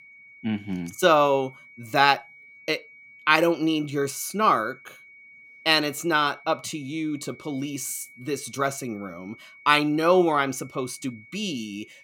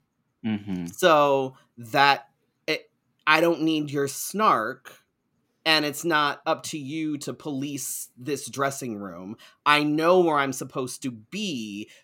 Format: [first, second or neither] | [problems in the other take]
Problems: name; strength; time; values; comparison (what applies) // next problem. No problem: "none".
second | high-pitched whine; faint; throughout; 2 kHz, 25 dB below the speech